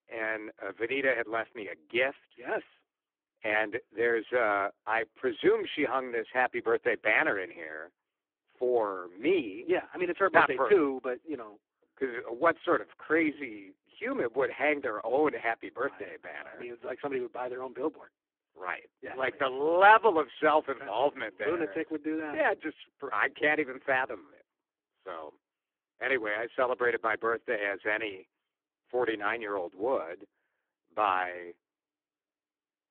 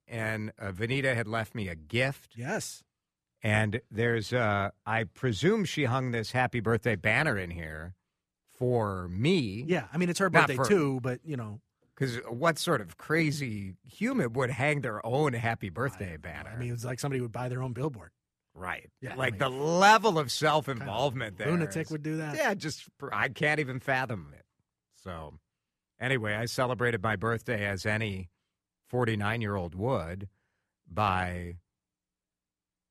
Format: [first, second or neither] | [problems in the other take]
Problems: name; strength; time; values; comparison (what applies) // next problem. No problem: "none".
second | phone-call audio; poor line